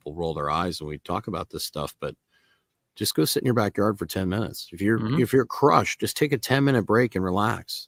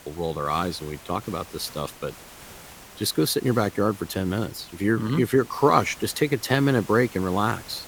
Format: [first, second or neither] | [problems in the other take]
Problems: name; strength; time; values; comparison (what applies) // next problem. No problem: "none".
first | hiss; noticeable; throughout; 20 dB below the speech